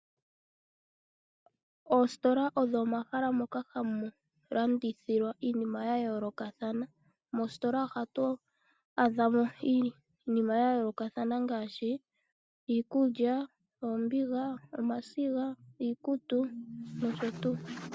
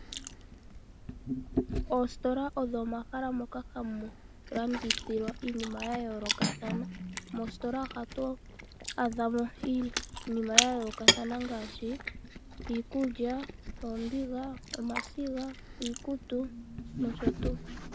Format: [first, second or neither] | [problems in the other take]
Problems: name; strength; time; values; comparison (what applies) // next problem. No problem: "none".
first | background sound (Cutlery, silverware + Chewing, mastication); 1 dB below the speech